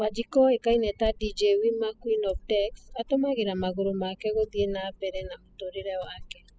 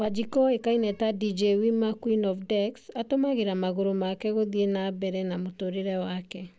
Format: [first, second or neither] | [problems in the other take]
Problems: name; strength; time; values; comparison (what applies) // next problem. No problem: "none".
second | noise reduction (classical method spectral subtraction)